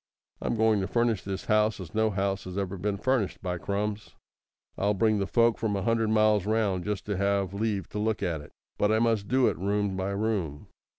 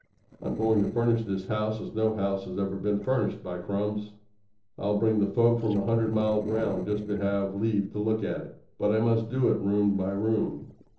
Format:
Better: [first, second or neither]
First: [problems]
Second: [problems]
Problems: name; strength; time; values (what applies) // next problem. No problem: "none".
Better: first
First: none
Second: noise reduction (neural separator model SepFormer DNS4)